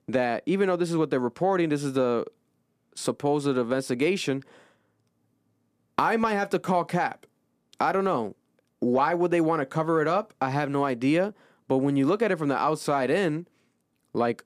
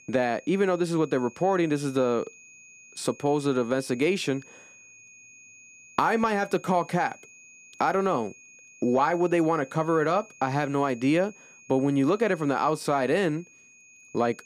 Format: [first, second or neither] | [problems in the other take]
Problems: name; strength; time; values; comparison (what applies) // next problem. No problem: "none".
first | high-pitched whine; faint; throughout; 2.5 kHz, 25 dB below the speech